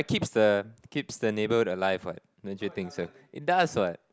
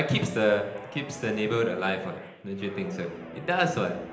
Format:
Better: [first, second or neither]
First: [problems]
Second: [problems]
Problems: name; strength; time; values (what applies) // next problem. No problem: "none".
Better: first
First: none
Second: background sound (Guitar); 15 dB below the speech // room echo; dies away in 0.9 s